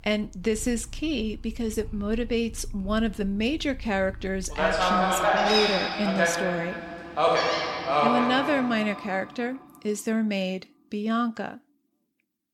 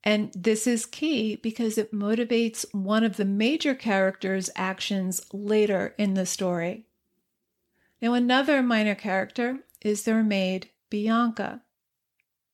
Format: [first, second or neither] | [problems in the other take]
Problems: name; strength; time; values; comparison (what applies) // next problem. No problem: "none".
second | animal sounds; very loud; until 8.5 s; 3 dB above the speech